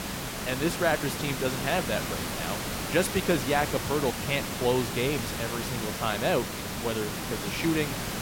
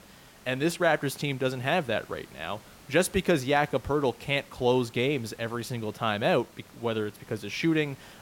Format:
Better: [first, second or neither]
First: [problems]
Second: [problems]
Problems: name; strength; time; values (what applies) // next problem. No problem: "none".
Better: second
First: hiss; loud; throughout; 3 dB below the speech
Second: hiss; faint; throughout; 25 dB below the speech